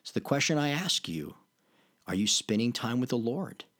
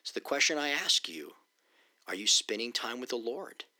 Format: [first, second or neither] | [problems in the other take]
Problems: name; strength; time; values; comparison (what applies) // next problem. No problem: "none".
first | thin; somewhat; fading below 350 Hz